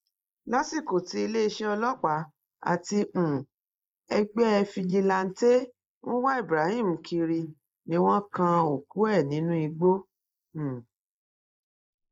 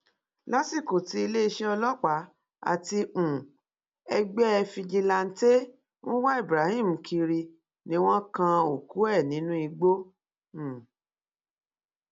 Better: second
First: noise reduction (neural mask model Resemble Enhance denoiser)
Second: none

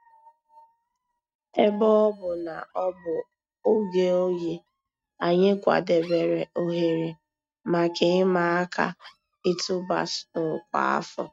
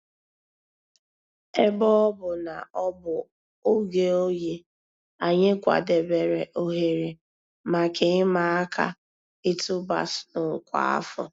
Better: second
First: noise reduction (neural mask model RNNoise)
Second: none

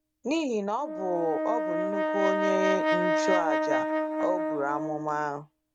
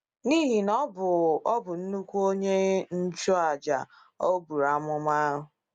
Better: second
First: background sound (Brass instrument); 2 dB above the speech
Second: none

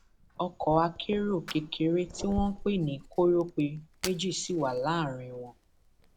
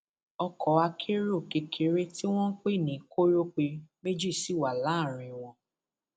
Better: second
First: background sound (Fire); 14 dB below the speech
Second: none

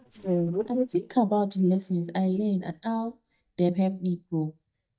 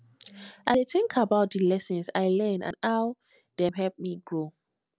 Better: second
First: noise reduction (neural mask model DeepFilterNet 3)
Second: none

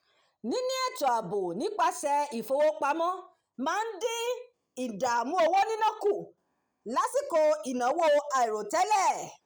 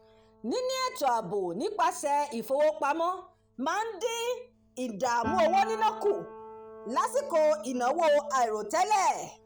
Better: first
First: none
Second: background sound (Piano); 17 dB below the speech

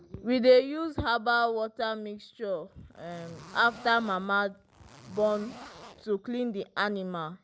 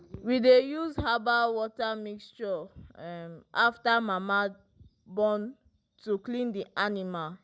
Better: second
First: background sound (Zipper (clothing)); 20 dB below the speech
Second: none

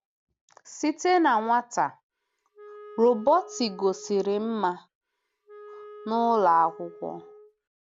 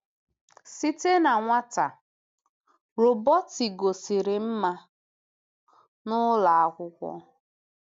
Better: second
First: background sound (Wind instrument, woodwind instrument); 19 dB below the speech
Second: none

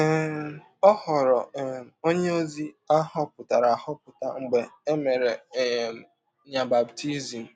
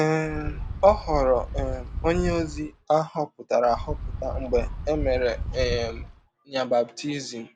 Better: first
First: none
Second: background sound (Wind); 6 dB below the speech

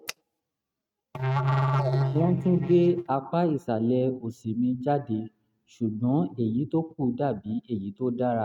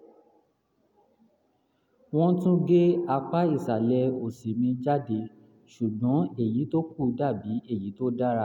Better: second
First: noise reduction (neural mask model RNNoise)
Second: none

